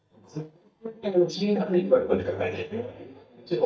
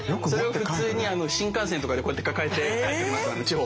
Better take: second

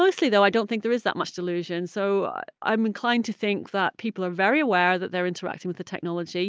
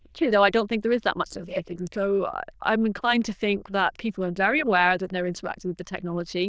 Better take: first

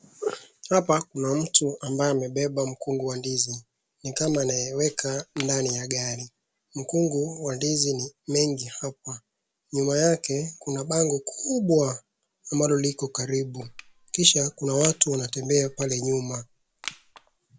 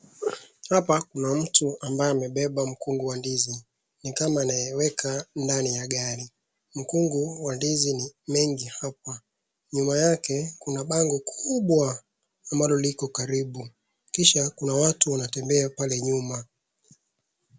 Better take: second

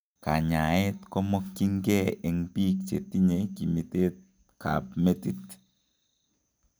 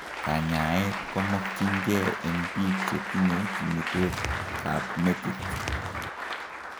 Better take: first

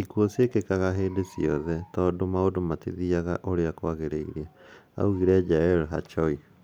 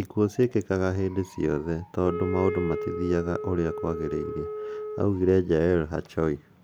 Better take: first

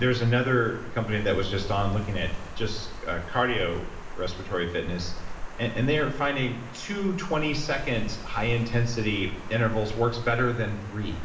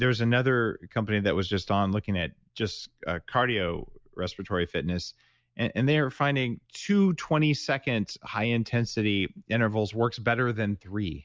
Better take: second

